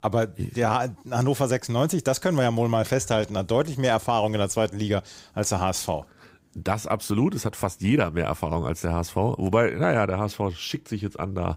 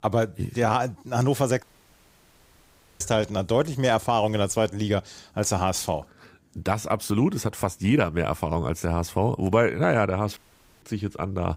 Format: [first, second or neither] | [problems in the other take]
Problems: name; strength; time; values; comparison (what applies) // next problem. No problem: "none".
first | audio cutting out; at 1.5 s for 1.5 s and at 10 s